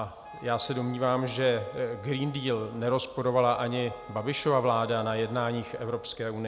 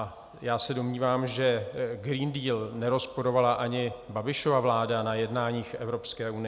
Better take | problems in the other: second | background sound (Wind instrument, woodwind instrument); 20 dB below the speech

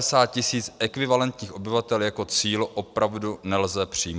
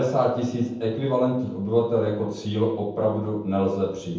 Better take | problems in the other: first | room echo; dies away in 0.9 s

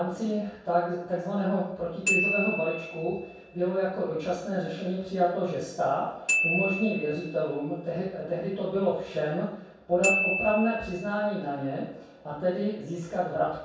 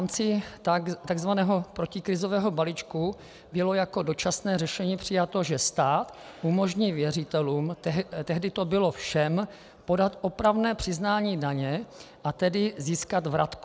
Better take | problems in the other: second | background sound (Glockenspiel); 5 dB below the speech // room echo; dies away in 0.7 s

